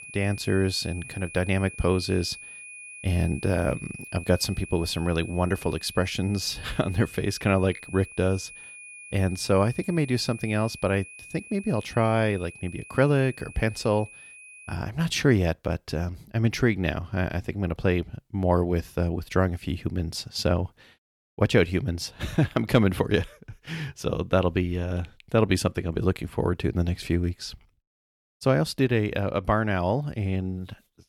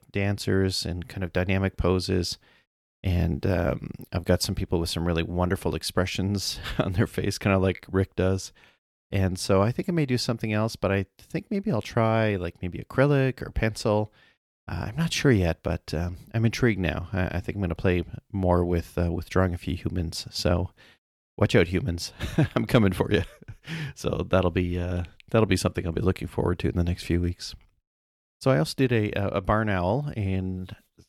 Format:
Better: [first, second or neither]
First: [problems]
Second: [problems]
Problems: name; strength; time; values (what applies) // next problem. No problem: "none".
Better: second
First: high-pitched whine; noticeable; until 15 s; 2.5 kHz, 15 dB below the speech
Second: none